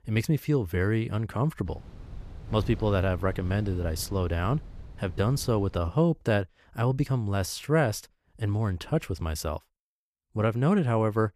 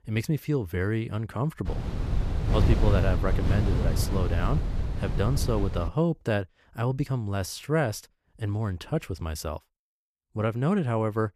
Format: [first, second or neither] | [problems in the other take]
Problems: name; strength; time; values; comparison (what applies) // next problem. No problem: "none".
first | wind noise on the microphone; heavy; from 1.5 to 6 s; 6 dB below the speech; occasional gusts in the first